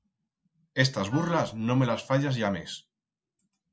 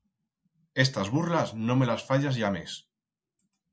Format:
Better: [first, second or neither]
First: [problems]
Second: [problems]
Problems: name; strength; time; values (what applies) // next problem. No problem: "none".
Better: second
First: background sound (Wind instrument, woodwind instrument); 16 dB below the speech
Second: none